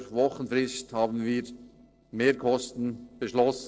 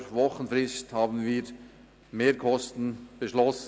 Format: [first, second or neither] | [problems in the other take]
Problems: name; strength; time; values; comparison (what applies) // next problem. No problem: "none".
second | noise reduction (neural separator model SepFormer DNS4)